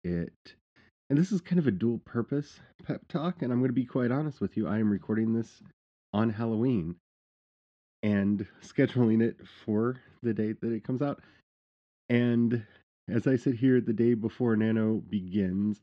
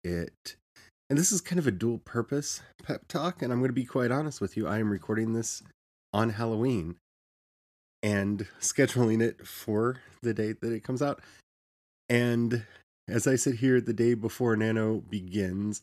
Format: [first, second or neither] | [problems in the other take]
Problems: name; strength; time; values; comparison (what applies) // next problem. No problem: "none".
second | muffled; very; fading above 3.5 kHz